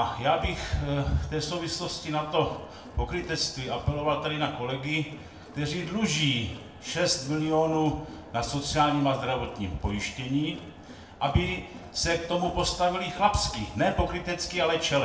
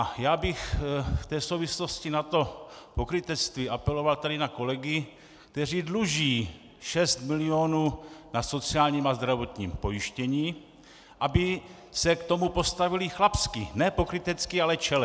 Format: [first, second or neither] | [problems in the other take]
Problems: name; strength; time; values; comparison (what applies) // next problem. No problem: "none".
second | background sound (Crowd); 18 dB below the speech // room echo; dies away in 0.6 s